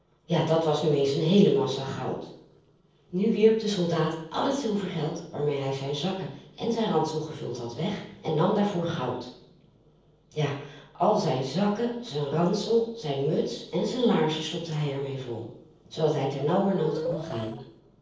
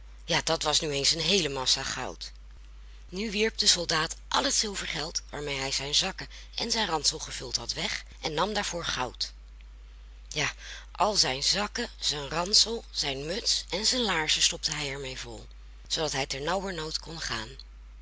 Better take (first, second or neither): second